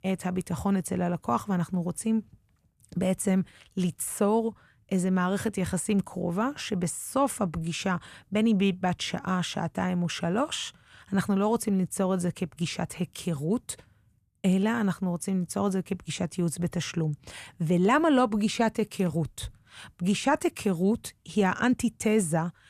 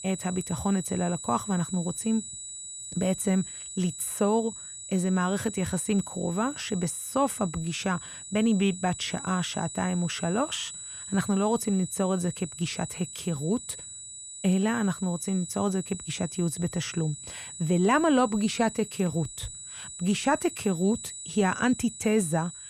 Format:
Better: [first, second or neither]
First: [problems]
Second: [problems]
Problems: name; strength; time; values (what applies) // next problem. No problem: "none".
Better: first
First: none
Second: high-pitched whine; loud; throughout; 8 kHz, 10 dB below the speech